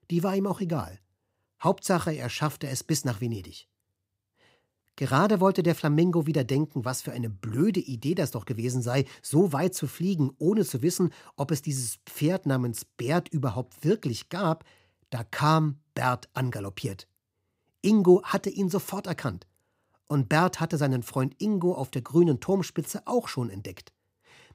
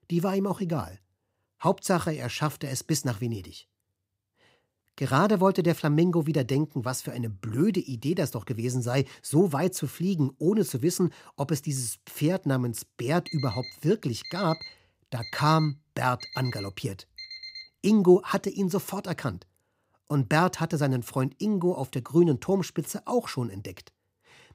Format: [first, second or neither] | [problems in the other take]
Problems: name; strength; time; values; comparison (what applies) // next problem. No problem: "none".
first | alarm; faint; from 13 to 18 s; peak 10 dB below the speech